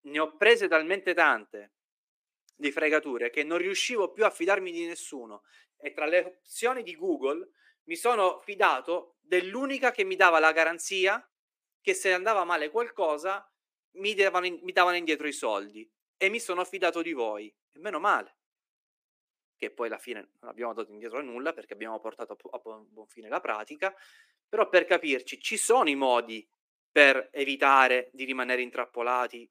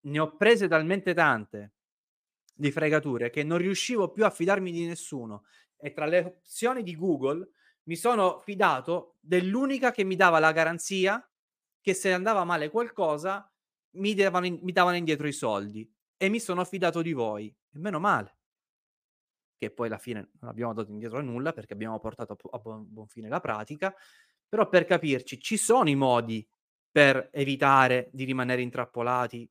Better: second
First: thin; somewhat; fading below 300 Hz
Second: none

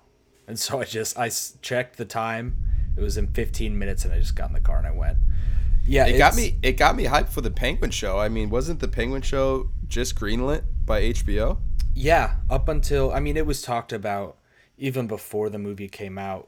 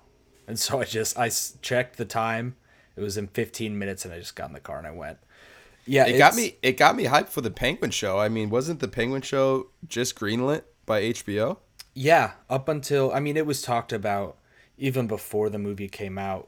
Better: second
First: low rumble; faint; from 2.5 to 14 s; 25 dB below the speech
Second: none

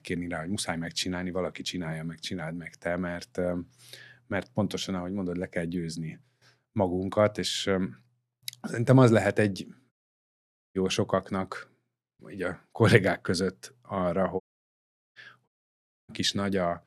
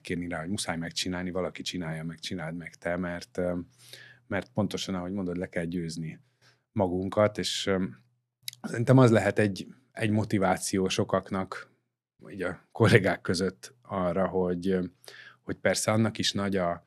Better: second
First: audio cutting out; at 10 s for 1 s, at 14 s for 1 s and at 15 s for 0.5 s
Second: none

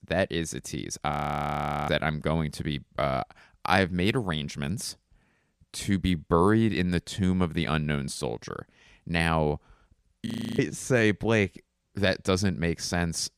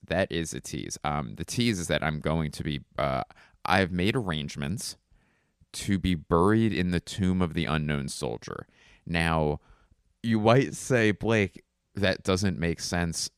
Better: second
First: audio freezing; at 1 s for 1 s and at 10 s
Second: none

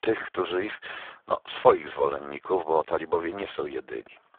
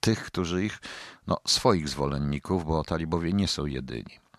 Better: second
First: phone-call audio; poor line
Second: none

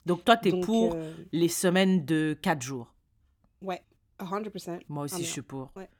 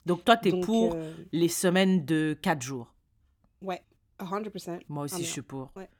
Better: neither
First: none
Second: none

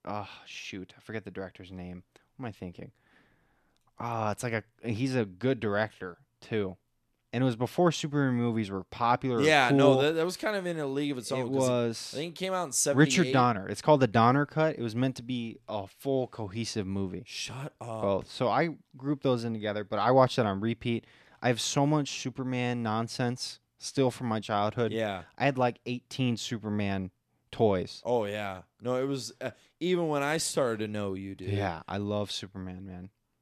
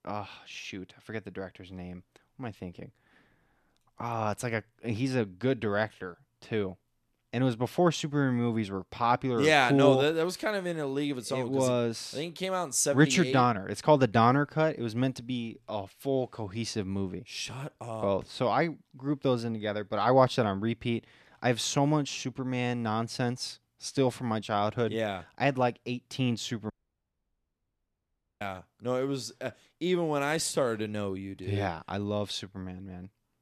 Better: first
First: none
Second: audio cutting out; at 27 s for 1.5 s

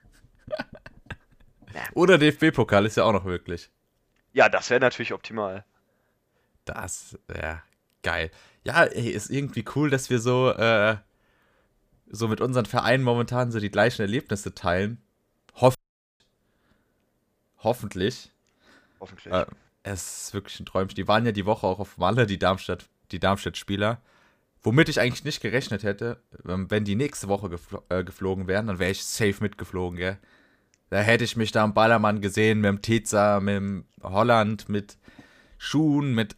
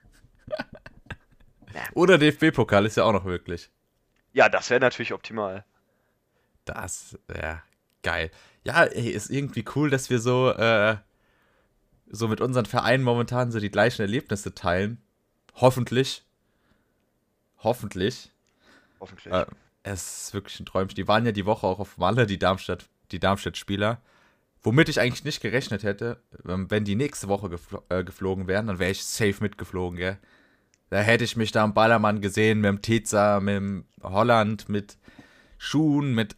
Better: second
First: audio cutting out; at 16 s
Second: none

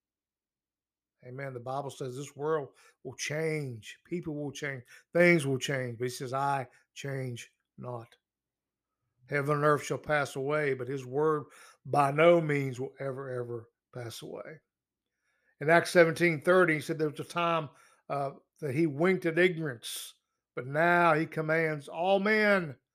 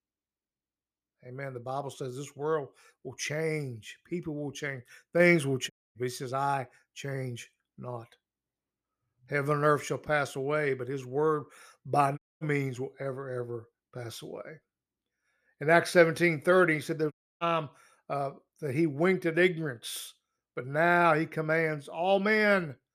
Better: first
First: none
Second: audio cutting out; at 5.5 s, at 12 s and at 17 s

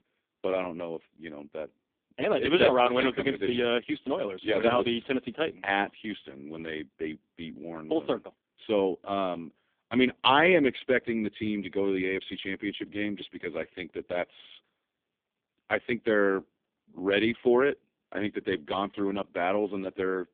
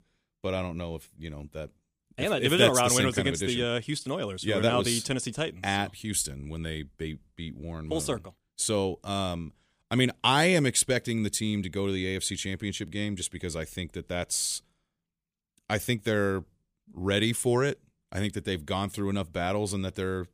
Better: second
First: phone-call audio; poor line; nothing above 3.5 kHz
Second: none

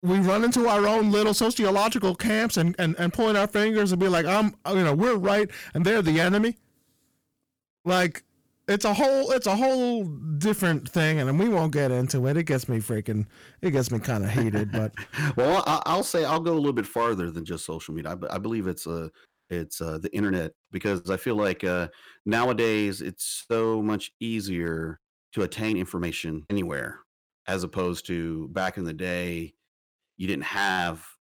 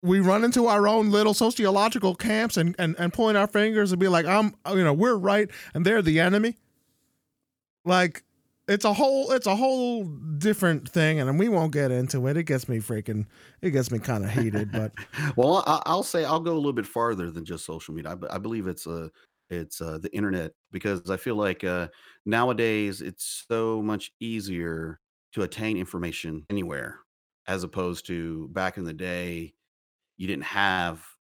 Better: second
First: distortion; slight; 7% of the sound clipped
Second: none

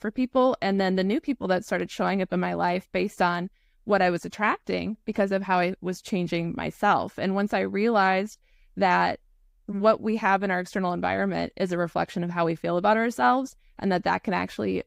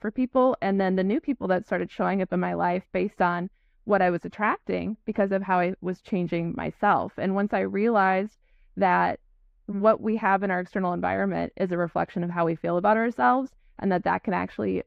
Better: first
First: none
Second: muffled; slightly; fading above 4 kHz

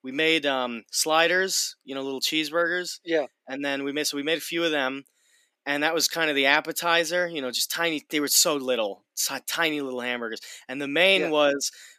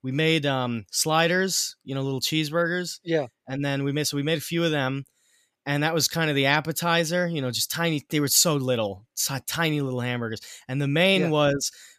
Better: second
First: thin; somewhat; fading below 250 Hz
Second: none

